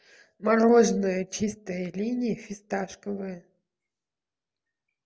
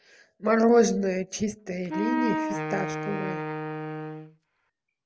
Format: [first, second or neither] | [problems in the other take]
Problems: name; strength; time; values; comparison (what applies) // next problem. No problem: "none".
first | background sound (Wind instrument, woodwind instrument); 4 dB below the speech